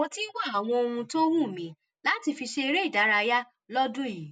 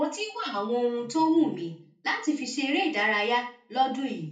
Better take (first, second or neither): first